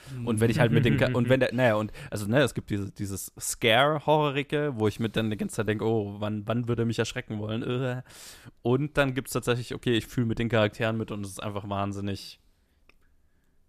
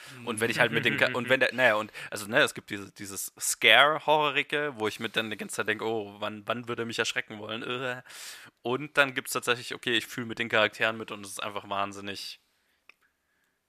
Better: first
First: none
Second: thin; somewhat; fading below 800 Hz

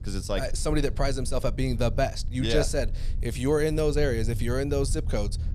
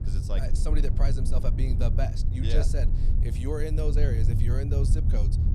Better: first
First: low rumble; faint; throughout; 20 dB below the speech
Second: low rumble; loud; throughout; 5 dB below the speech

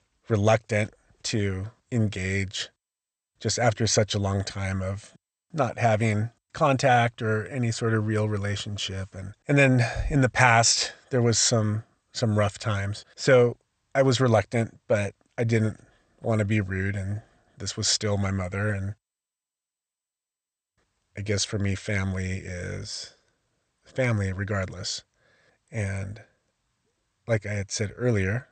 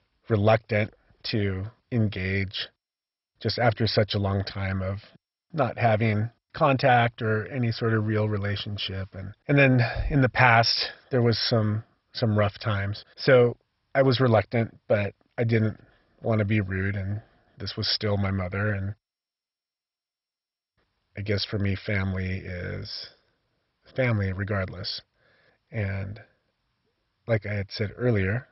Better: first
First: garbled, watery; slightly; nothing above 8.5 kHz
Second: garbled, watery; badly; nothing above 5.5 kHz

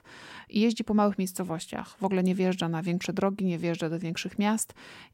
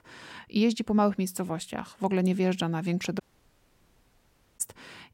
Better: first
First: none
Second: audio cutting out; at 3 s for 1.5 s

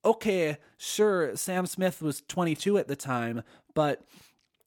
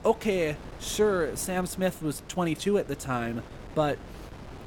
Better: first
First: none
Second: wind noise on the microphone; occasional gusts; 15 dB below the speech

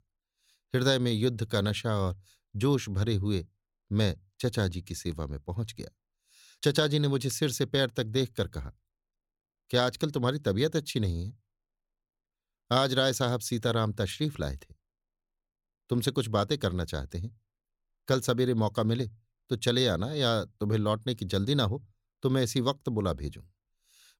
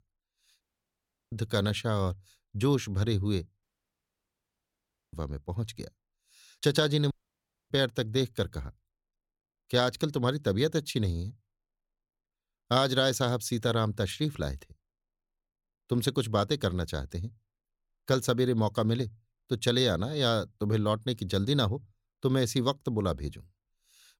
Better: first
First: none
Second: audio cutting out; at 0.5 s for 0.5 s, at 3.5 s for 1.5 s and at 7 s for 0.5 s

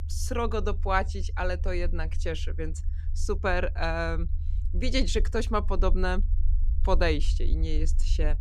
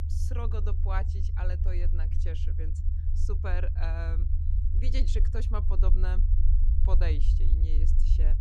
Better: first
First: low rumble; faint; throughout; 20 dB below the speech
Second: low rumble; loud; throughout; 6 dB below the speech

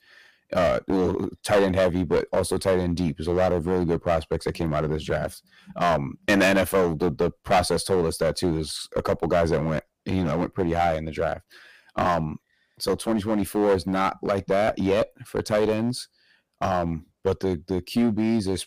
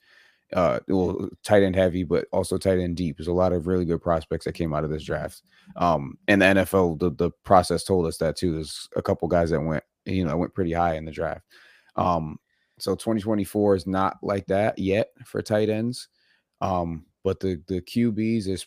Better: second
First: distortion; heavy; 8% of the sound clipped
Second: none

